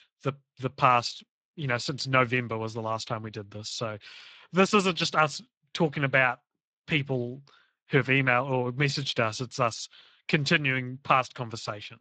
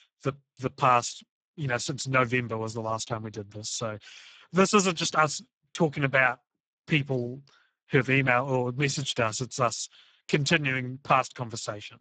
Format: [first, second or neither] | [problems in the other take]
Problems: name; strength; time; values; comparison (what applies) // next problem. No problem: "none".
first | garbled, watery; badly; nothing above 8 kHz; slightly in the first